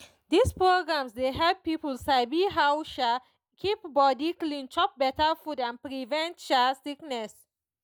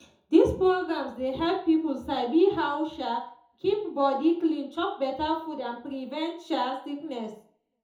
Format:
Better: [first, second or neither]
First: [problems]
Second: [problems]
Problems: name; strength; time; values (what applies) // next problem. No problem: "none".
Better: first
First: none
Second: room echo; dies away in 0.5 s